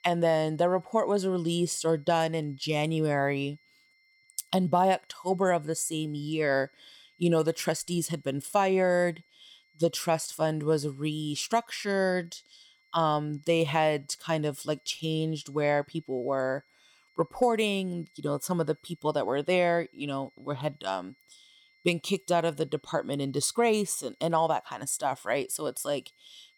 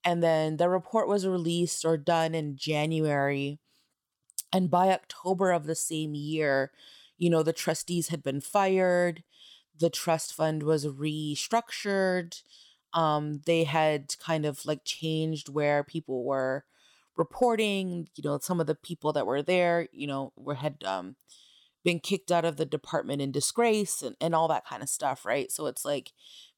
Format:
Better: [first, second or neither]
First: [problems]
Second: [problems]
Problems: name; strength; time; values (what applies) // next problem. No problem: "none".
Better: second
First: high-pitched whine; faint; throughout; 2 kHz, 35 dB below the speech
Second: none